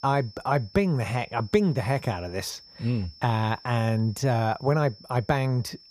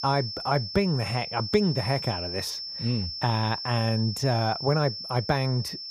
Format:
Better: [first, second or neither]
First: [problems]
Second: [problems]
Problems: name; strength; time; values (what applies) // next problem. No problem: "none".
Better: first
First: high-pitched whine; faint; throughout; 5.5 kHz, 20 dB below the speech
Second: high-pitched whine; loud; throughout; 5.5 kHz, 6 dB below the speech